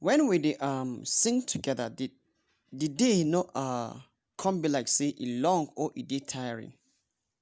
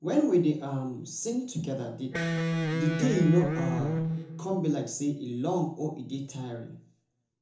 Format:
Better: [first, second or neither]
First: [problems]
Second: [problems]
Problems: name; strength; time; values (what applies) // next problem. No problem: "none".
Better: first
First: none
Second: background sound (Electric guitar); as loud as the speech // room echo; dies away in 0.5 s